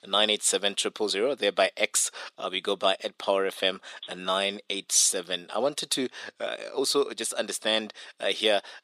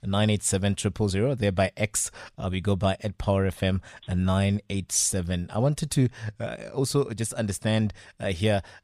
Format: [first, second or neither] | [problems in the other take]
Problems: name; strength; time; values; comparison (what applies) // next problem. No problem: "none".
second | thin; very; fading below 300 Hz